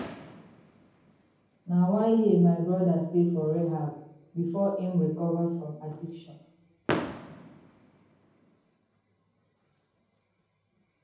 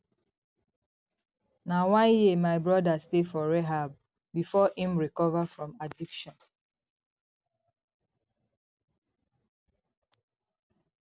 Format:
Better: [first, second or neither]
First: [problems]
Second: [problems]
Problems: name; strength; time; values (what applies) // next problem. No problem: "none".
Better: second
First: background sound (Fireworks); 14 dB below the speech // room echo; dies away in 0.9 s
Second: none